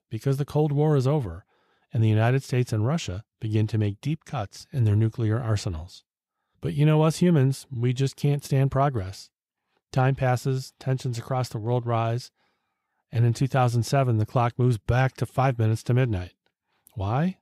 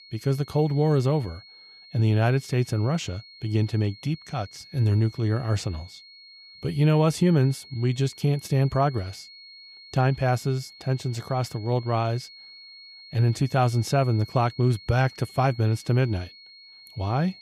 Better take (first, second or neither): first